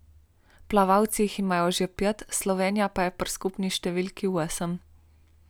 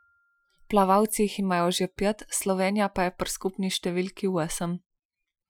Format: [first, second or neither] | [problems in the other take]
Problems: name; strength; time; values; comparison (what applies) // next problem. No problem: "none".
first | noise reduction (classical method Wiener filter)